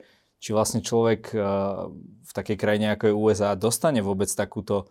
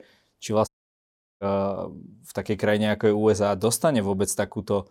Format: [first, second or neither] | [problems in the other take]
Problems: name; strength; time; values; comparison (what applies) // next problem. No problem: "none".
first | audio cutting out; at 0.5 s for 0.5 s